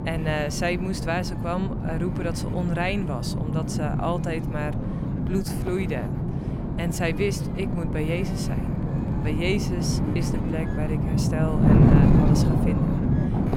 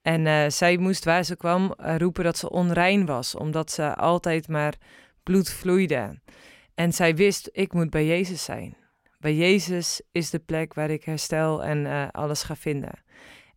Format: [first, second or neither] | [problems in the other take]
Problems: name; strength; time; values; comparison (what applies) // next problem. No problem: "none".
second | wind noise on the microphone; heavy; 1 dB below the speech